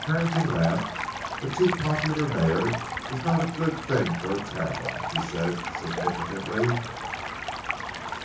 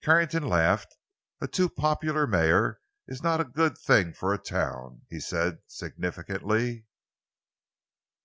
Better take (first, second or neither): second